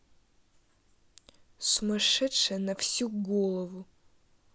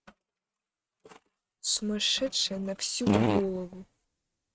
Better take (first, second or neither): first